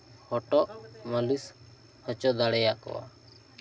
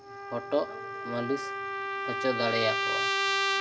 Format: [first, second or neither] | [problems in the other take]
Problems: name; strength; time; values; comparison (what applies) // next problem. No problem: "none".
first | background sound (Trumpet); 2 dB above the speech // room echo; dies away in 0.4 s